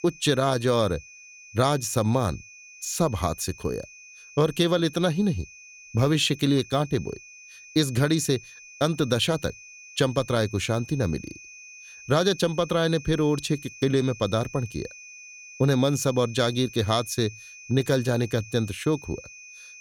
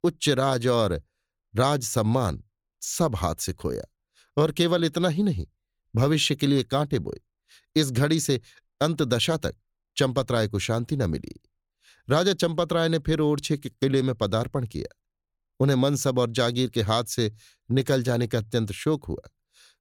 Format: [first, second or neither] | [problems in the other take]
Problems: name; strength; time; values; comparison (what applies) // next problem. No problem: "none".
second | high-pitched whine; noticeable; throughout; 2.5 kHz, 20 dB below the speech